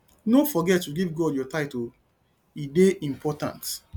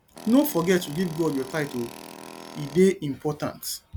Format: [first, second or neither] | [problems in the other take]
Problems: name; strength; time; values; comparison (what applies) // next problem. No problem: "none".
first | background sound (Tools); 16 dB below the speech